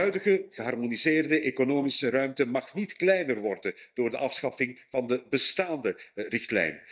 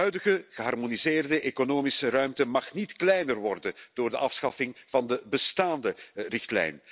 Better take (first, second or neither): second